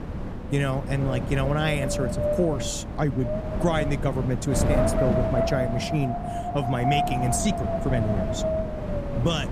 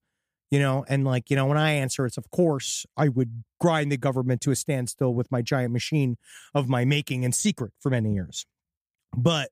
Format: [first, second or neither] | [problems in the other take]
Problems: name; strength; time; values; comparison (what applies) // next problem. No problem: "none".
second | wind noise on the microphone; heavy; 2 dB above the speech